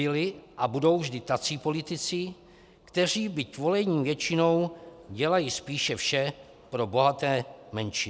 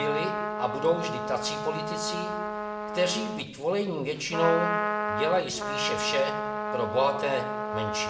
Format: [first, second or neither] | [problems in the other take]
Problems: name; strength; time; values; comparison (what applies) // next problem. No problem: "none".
first | background sound (Trumpet); 2 dB below the speech // room echo; dies away in 0.7 s